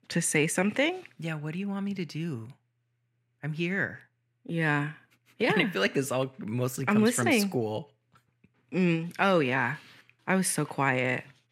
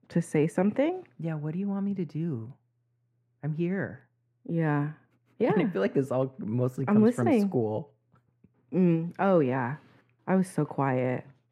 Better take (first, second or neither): first